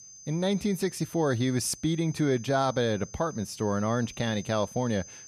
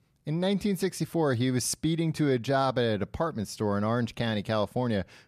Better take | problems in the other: second | high-pitched whine; noticeable; throughout; 6 kHz, 15 dB below the speech

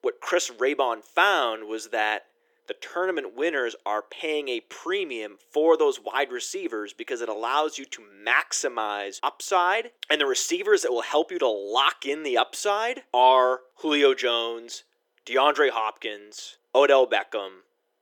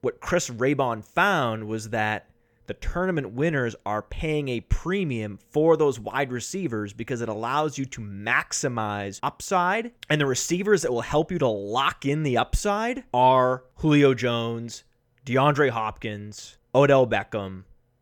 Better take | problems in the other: second | thin; somewhat; fading below 350 Hz

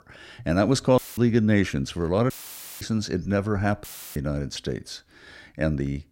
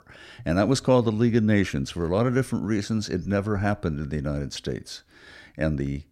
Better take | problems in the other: second | audio cutting out; filled with static; at 1 s, at 2.5 s for 0.5 s and at 4 s

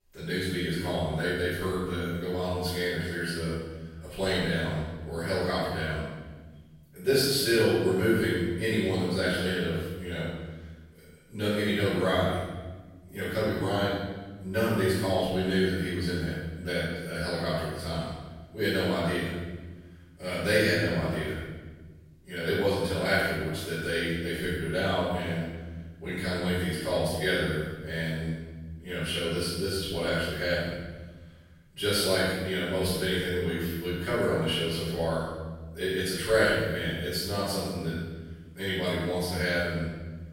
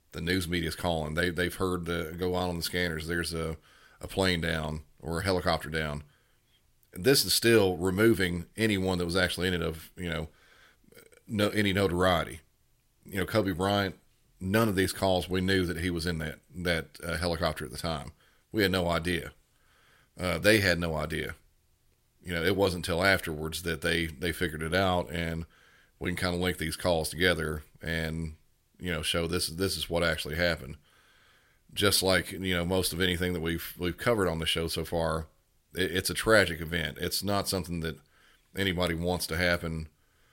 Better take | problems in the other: second | off-mic speech; far // room echo; strong; dies away in 1.2 s

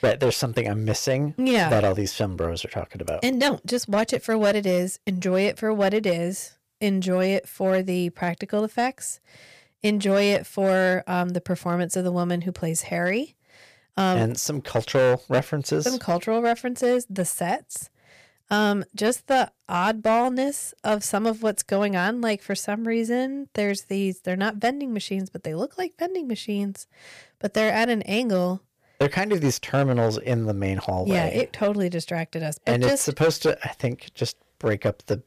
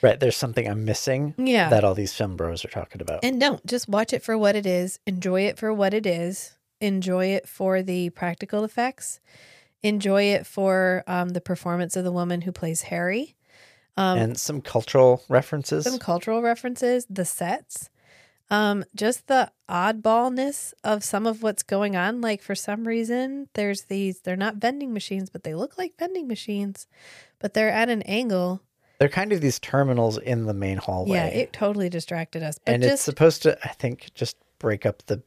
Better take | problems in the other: second | distortion; slight; 4% of the sound clipped

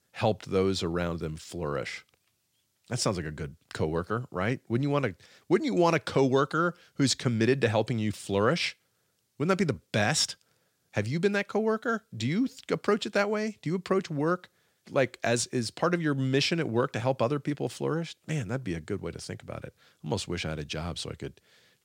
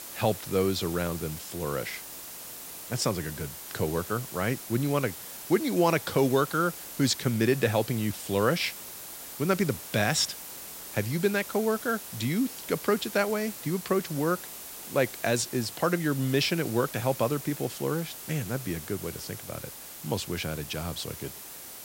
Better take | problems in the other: first | hiss; noticeable; throughout; 10 dB below the speech

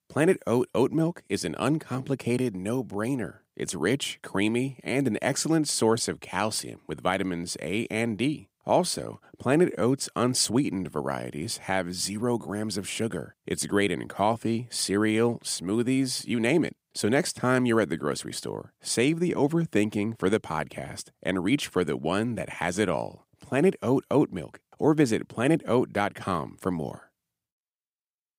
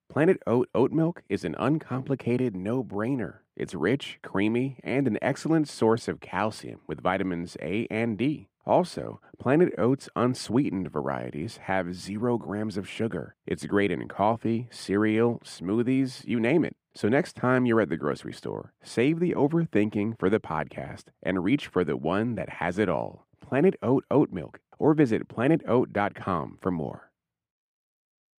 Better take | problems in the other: first | muffled; slightly; fading above 3.5 kHz

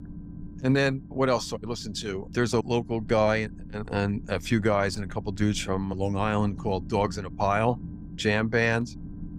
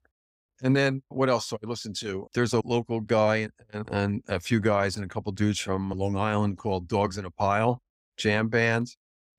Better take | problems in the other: second | low rumble; faint; throughout; 20 dB below the speech

